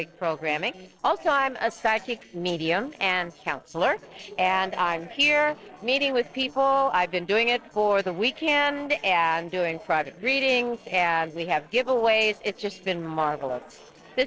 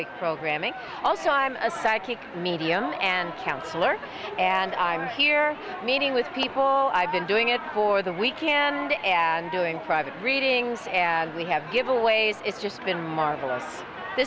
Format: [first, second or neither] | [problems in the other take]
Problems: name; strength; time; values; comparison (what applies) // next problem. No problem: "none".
second | noise reduction (neural separator model SepFormer DNS4)